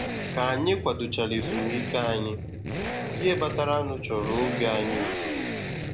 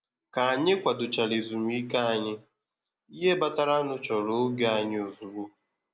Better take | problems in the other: second | background sound (Accelerating, revving, vroom); 3 dB below the speech

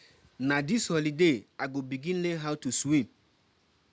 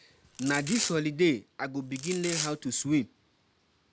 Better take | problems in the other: first | background sound (Domestic sounds, home sounds); 7 dB below the speech

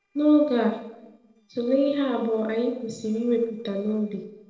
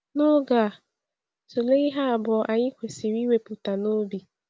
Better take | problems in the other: second | noise reduction (neural separator model SepFormer DNS4)

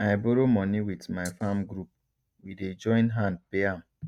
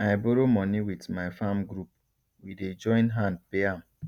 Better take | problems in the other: second | noise reduction (neural mask model RNNoise)

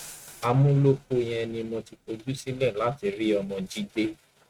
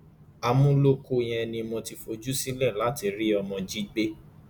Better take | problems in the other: second | noise reduction (neural mask model RNNoise)

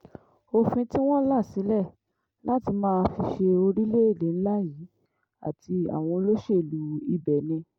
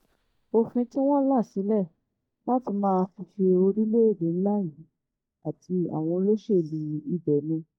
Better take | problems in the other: first | noise reduction (neural mask model DeepFilterNet 3)

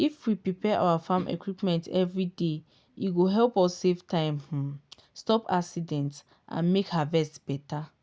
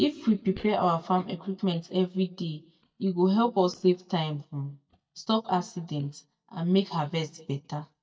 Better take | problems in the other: first | noise reduction (neural mask model DeepFilterNet 3)

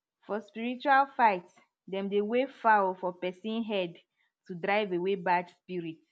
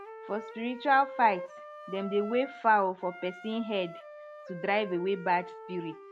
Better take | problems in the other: first | background sound (Wind instrument, woodwind instrument); 14 dB below the speech

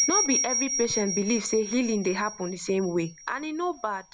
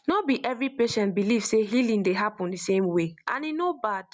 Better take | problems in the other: second | background sound (Bell); 4 dB below the speech

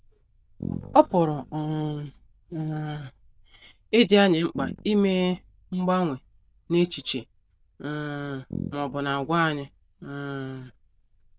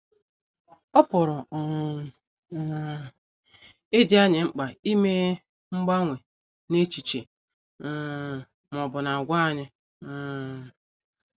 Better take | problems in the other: second | noise reduction (neural diffusion model UNIVERSE++)

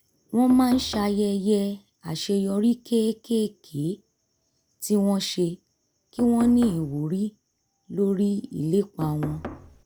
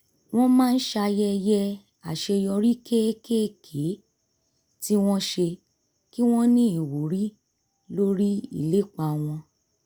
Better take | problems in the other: second | background sound (Knock); 12 dB below the speech

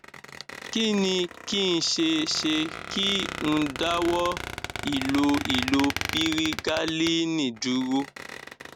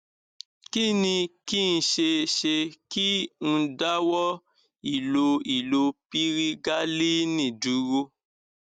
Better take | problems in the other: second | background sound (Squeak); 9 dB below the speech

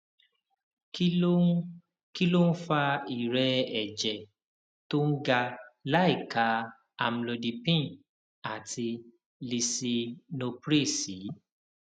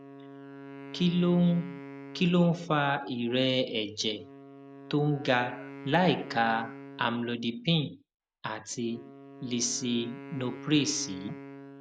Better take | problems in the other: first | background sound (Wind instrument, woodwind instrument); 16 dB below the speech

